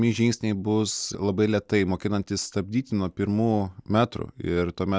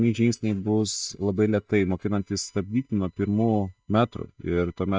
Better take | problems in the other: first | noise reduction (neural mask model DeepFilterNet 3)

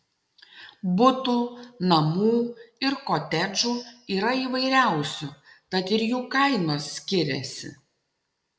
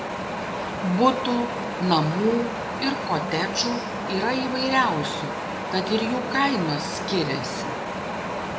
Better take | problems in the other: first | background sound (Wind); 3 dB below the speech

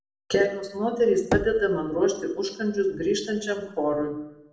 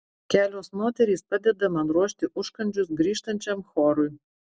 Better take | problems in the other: second | background sound (Knock / Wood); 10 dB below the speech // room echo; dies away in 0.6 s

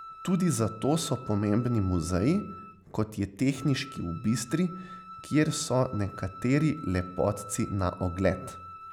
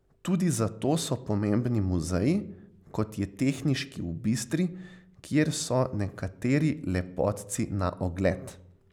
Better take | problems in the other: second | background sound (Wind instrument, woodwind instrument); 16 dB below the speech

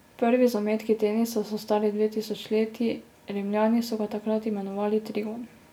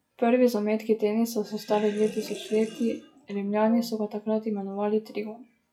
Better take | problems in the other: first | noise reduction (classical method log-MMSE)

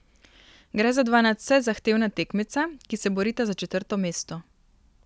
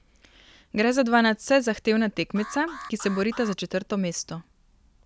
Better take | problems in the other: first | background sound (Alarm); 15 dB below the speech

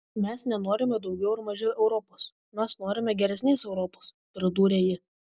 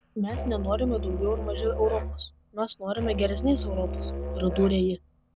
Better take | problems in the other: first | background sound (Musical instrument); 4 dB below the speech

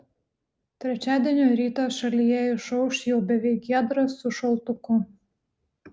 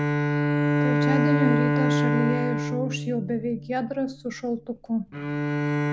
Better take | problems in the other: first | background sound (Bowed string instrument); 4 dB above the speech

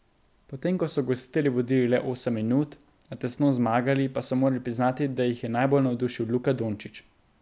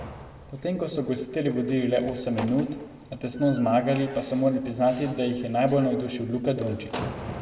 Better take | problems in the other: first | background sound (Slam); 15 dB below the speech // room echo; dies away in 1.5 s

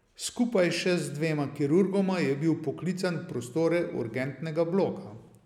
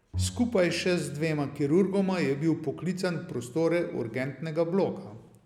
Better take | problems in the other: first | background sound (Bowed string instrument); 13 dB below the speech

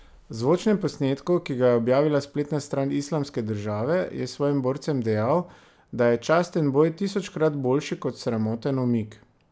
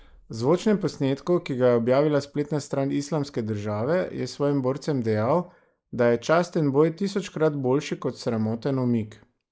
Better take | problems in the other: first | noise reduction (neural mask model Resemble Enhance denoiser)

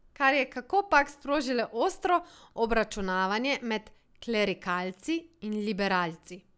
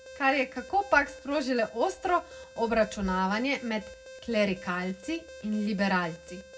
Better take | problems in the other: first | background sound (Alarm); 18 dB below the speech // room echo; dies away in 0.4 s

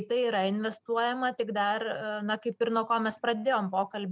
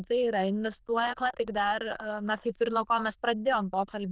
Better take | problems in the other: first | noise reduction (neural diffusion model UNIVERSE++)

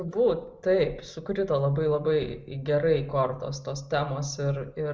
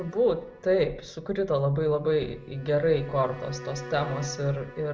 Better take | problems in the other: first | background sound (Bowed string instrument); 17 dB below the speech

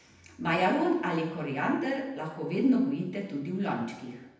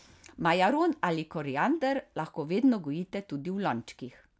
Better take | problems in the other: second | room echo; dies away in 0.9 s

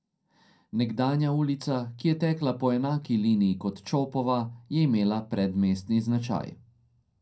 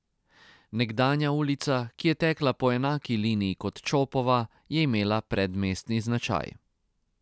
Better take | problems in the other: second | room echo; dies away in 0.2 s

